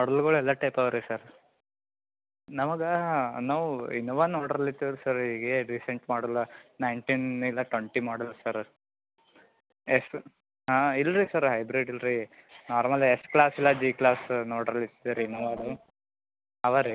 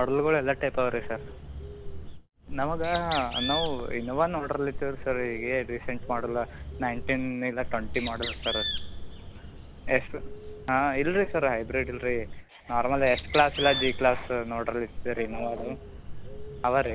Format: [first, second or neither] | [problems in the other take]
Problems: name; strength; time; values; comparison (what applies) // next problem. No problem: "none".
first | background sound (Bird); 6 dB below the speech